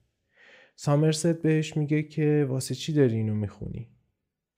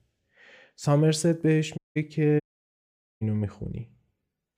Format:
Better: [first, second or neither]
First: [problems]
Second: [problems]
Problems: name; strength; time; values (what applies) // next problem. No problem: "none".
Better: first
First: none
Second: audio cutting out; at 2 s and at 2.5 s for 1 s